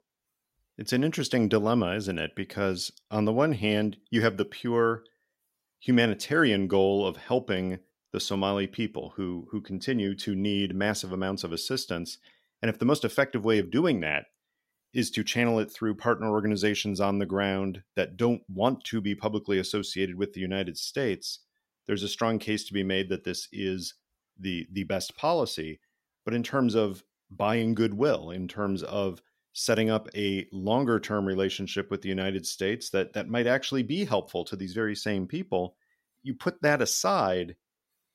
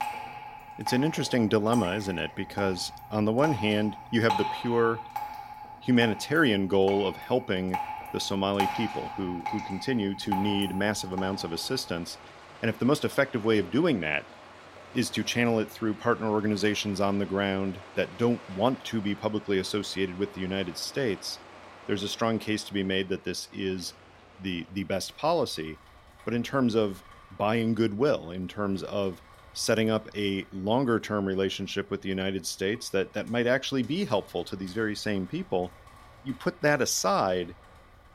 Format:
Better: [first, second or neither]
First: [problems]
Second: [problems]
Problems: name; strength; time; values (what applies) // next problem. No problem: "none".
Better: first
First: none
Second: rain or running water; noticeable; throughout; 10 dB below the speech